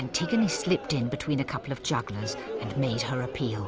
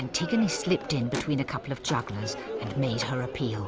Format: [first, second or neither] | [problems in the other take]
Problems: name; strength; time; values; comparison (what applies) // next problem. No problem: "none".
first | background sound (Car); 15 dB below the speech